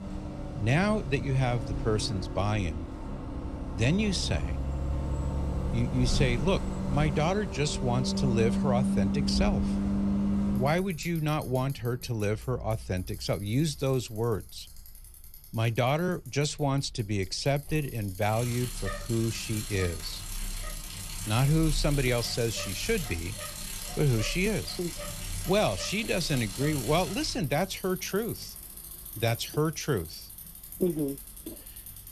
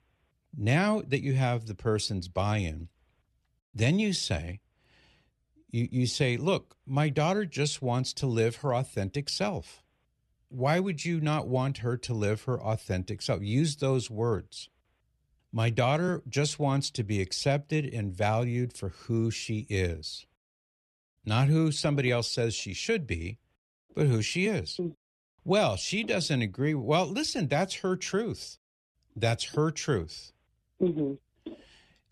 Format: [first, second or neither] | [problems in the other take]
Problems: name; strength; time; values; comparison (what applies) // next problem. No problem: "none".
second | traffic noise; loud; throughout; 5 dB below the speech